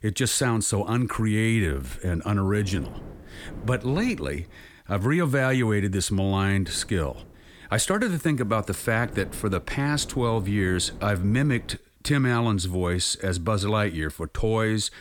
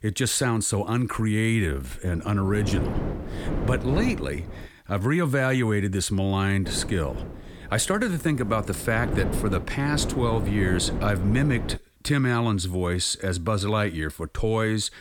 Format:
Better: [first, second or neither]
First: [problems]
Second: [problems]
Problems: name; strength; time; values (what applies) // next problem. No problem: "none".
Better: first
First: wind noise on the microphone; occasional gusts; from 2 to 4.5 s and from 6.5 to 12 s; 20 dB below the speech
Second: wind noise on the microphone; heavy; from 2 to 4.5 s and from 6.5 to 12 s; 9 dB below the speech